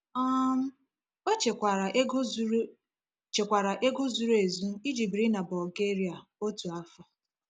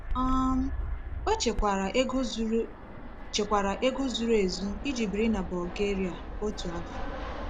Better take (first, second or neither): first